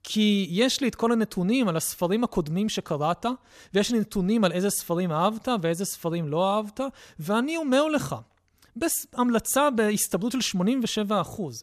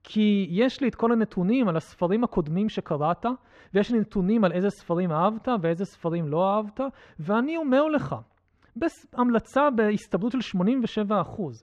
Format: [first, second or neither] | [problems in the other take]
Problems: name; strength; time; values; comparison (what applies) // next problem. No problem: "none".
first | muffled; very; fading above 2 kHz